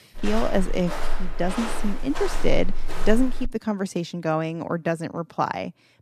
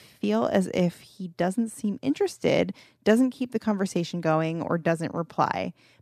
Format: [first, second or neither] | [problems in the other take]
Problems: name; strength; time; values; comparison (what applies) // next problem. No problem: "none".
second | footsteps; noticeable; until 3.5 s; peak 5 dB below the speech